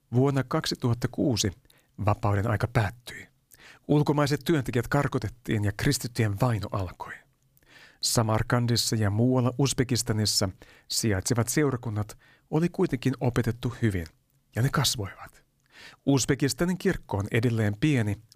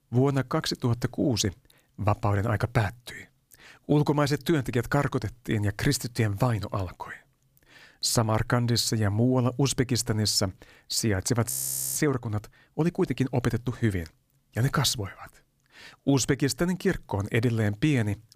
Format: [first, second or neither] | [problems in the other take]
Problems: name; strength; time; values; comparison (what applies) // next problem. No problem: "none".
first | audio freezing; at 12 s